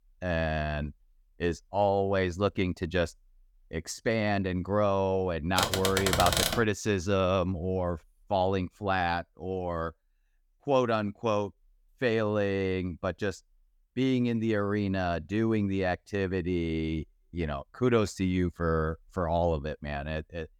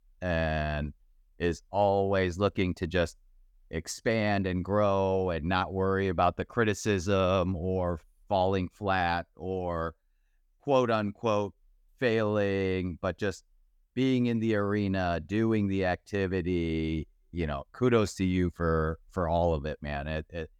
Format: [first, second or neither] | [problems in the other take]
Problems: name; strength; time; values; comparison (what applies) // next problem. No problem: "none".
second | keyboard typing; loud; from 5.5 to 6.5 s; peak 4 dB above the speech